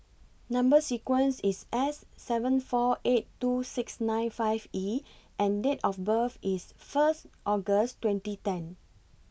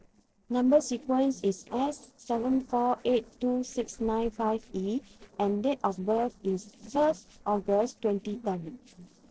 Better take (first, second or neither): first